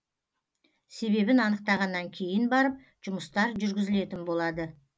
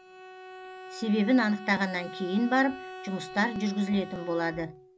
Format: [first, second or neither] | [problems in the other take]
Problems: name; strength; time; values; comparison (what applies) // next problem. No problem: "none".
first | background sound (Bowed string instrument); 14 dB below the speech